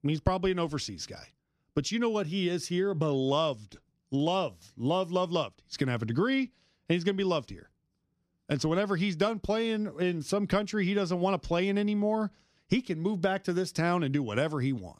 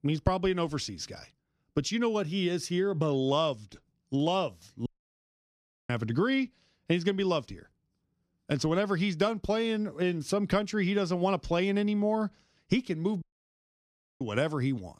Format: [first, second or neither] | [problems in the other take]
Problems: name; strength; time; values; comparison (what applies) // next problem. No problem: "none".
first | audio cutting out; at 5 s for 1 s and at 13 s for 1 s